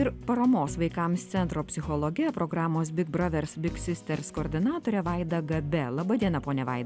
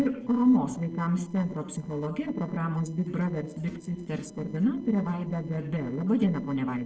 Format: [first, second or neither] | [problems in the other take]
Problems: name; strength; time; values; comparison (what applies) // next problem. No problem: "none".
first | noise reduction (neural separator model SepFormer DNS4)